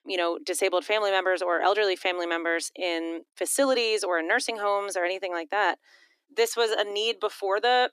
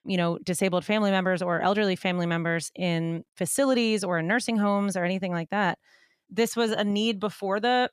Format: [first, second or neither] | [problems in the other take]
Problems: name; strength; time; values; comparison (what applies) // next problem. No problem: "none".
second | thin; very; fading below 300 Hz